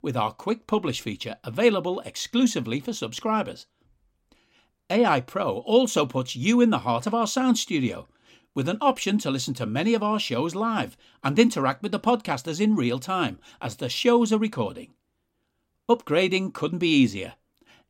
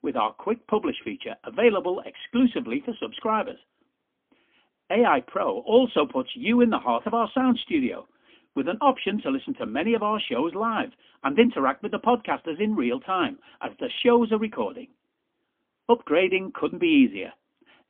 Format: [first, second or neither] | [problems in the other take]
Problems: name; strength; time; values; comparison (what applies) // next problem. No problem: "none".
first | phone-call audio; poor line; nothing above 3.5 kHz